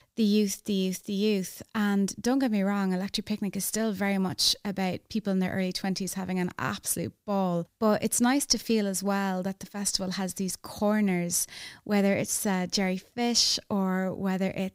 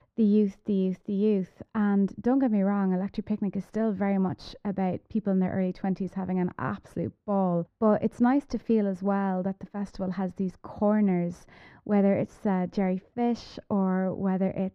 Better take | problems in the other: first | muffled; very; fading above 3.5 kHz

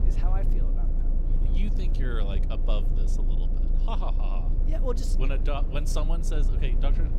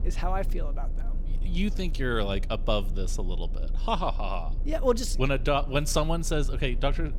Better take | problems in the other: second | low rumble; loud; throughout; 7 dB below the speech; faint in the second

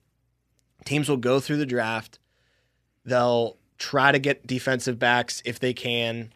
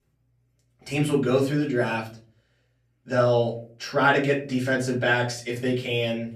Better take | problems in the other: first | off-mic speech; far // room echo; slight; dies away in 0.4 s

